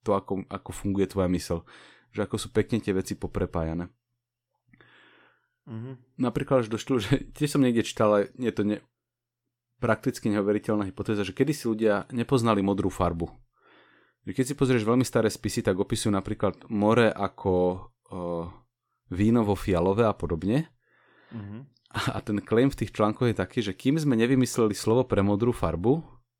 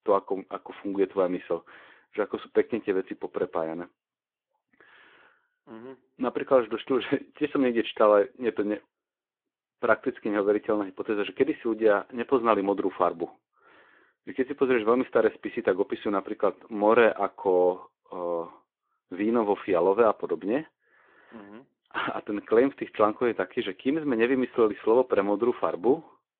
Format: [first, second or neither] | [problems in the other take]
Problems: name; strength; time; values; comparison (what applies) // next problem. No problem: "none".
first | phone-call audio